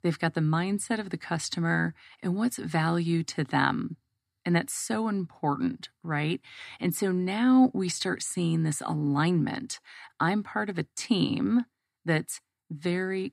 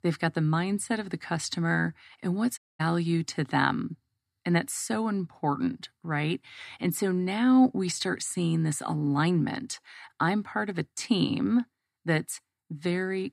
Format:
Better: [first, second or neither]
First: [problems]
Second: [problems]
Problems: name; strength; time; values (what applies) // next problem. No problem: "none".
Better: first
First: none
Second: audio cutting out; at 2.5 s